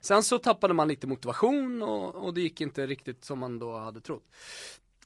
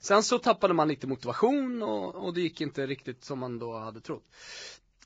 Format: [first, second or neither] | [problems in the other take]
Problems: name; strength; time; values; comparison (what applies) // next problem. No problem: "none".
first | garbled, watery; badly; nothing above 7.5 kHz; slightly in the first